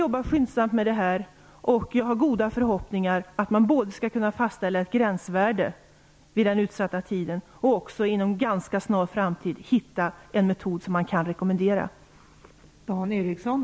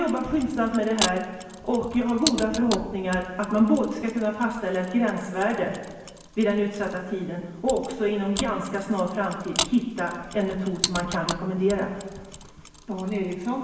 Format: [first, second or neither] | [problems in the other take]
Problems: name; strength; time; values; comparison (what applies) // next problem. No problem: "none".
first | background sound (Mechanisms); 10 dB below the speech // room echo; dies away in 1.2 s